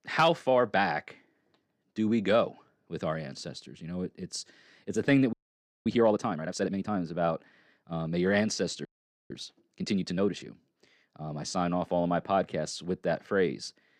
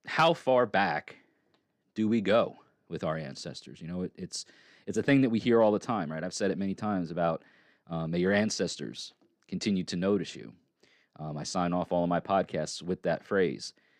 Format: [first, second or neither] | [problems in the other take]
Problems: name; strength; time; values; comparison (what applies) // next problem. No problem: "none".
second | audio freezing; at 5.5 s for 0.5 s and at 9 s